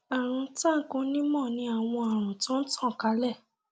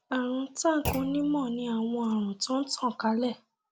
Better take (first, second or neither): first